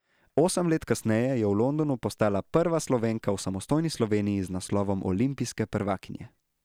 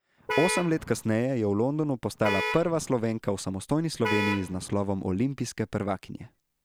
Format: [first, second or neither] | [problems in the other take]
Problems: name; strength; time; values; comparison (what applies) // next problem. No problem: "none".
first | background sound (Vehicle horn, car horn, honking); 4 dB below the speech